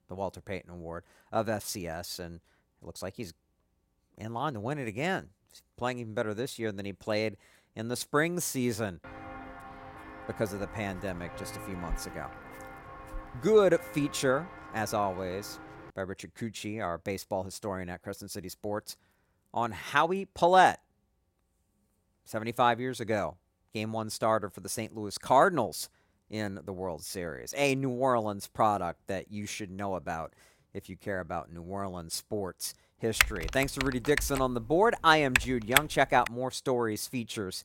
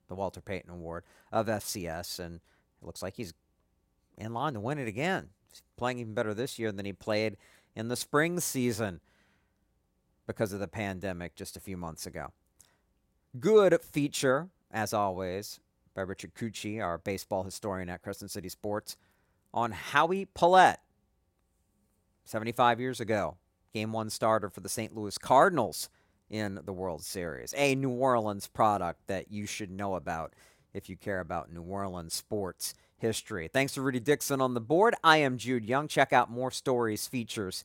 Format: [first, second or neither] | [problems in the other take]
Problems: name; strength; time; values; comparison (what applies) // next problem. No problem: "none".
second | footsteps; faint; from 9 to 16 s; peak 10 dB below the speech // keyboard typing; loud; from 33 to 36 s; peak 4 dB above the speech